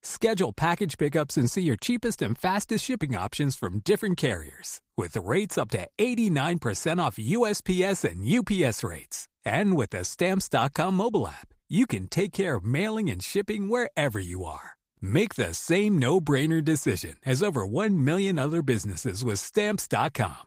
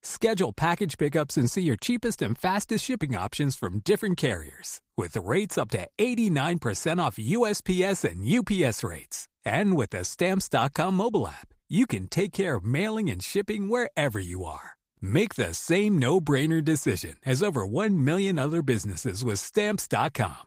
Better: neither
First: garbled, watery; slightly; nothing above 15.5 kHz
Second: garbled, watery; slightly; nothing above 15.5 kHz

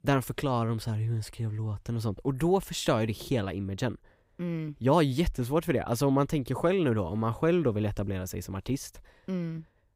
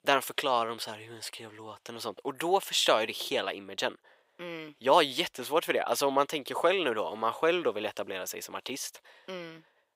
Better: first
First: none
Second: thin; very; fading below 650 Hz

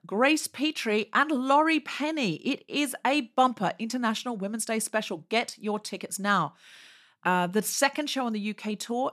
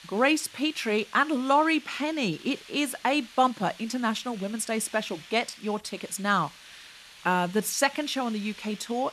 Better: first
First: none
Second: hiss; noticeable; throughout; 20 dB below the speech

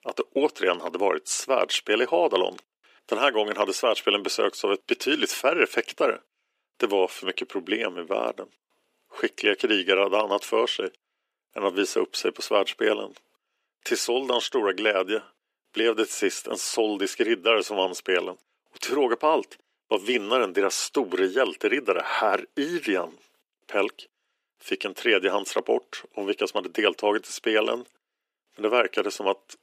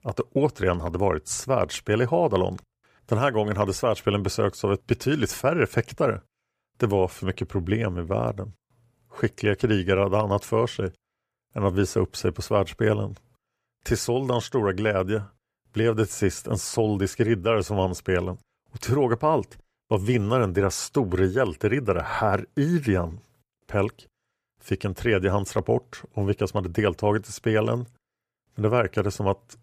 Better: second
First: thin; somewhat; fading below 300 Hz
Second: none

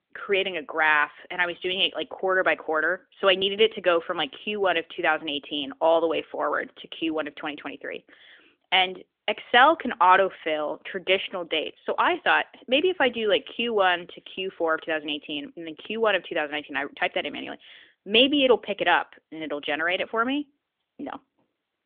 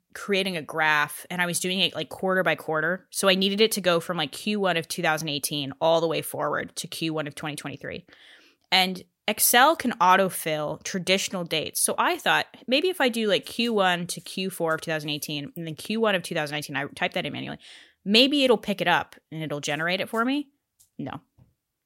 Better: second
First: phone-call audio; nothing above 3.5 kHz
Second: none

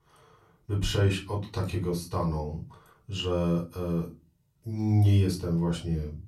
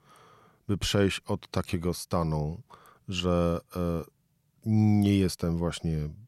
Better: second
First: off-mic speech; far // room echo; very slight; dies away in 0.3 s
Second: none

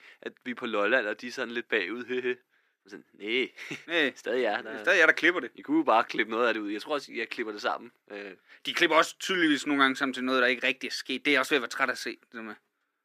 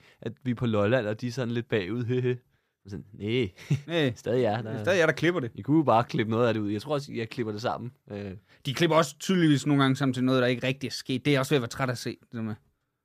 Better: second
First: thin; somewhat; fading below 300 Hz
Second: none

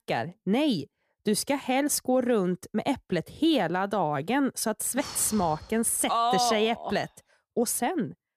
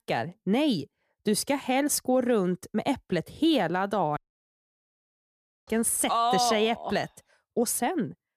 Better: first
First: none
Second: audio cutting out; at 4 s for 1.5 s

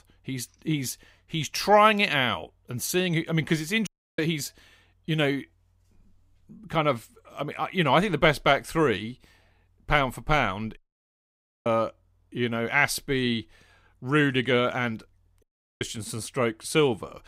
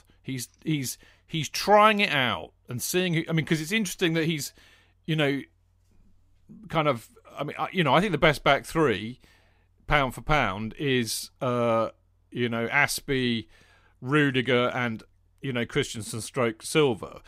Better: second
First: audio cutting out; at 4 s, at 11 s for 1 s and at 15 s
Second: none

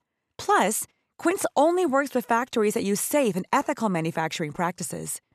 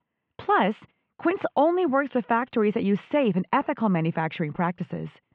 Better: first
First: none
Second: muffled; very; fading above 3 kHz

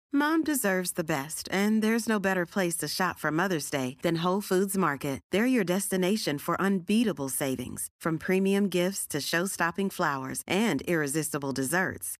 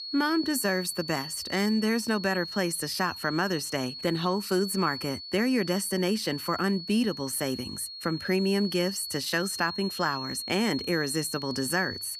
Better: first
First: none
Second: high-pitched whine; loud; throughout; 4.5 kHz, 8 dB below the speech

